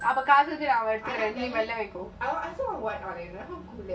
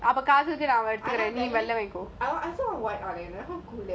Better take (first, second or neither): second